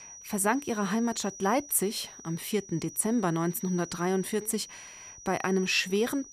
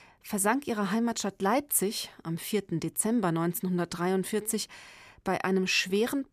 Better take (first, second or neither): second